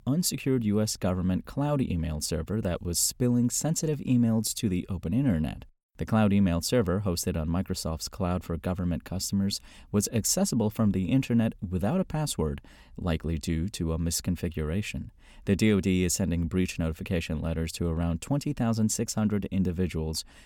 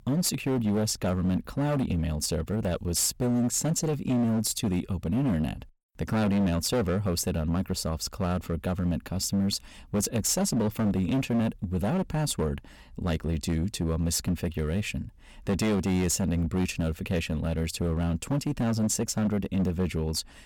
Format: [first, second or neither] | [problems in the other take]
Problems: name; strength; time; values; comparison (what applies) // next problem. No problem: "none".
first | distortion; slight; 13% of the sound clipped